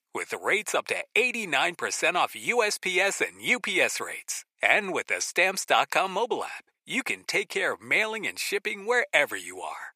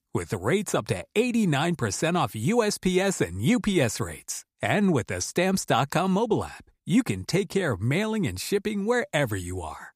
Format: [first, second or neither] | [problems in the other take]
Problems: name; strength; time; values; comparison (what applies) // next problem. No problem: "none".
second | thin; very; fading below 600 Hz